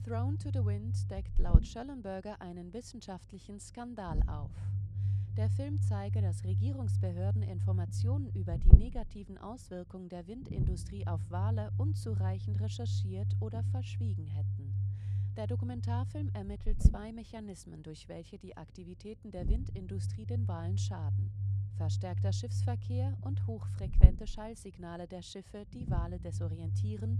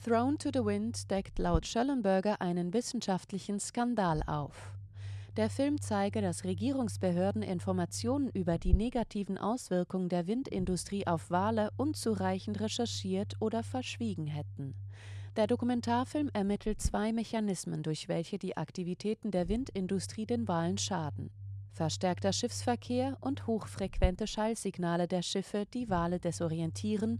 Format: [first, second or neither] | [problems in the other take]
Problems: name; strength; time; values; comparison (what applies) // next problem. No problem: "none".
second | low rumble; loud; throughout; 2 dB below the speech; faint in the second